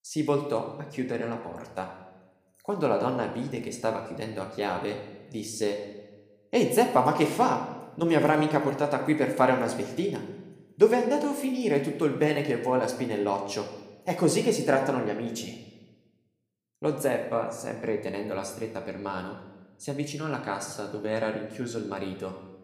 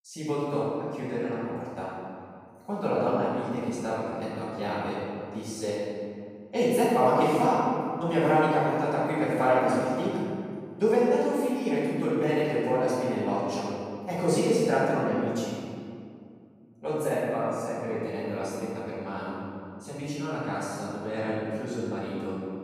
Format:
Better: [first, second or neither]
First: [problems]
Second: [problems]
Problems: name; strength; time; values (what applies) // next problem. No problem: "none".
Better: first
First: room echo; slight; dies away in 0.9 s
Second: room echo; strong; dies away in 2.2 s // off-mic speech; far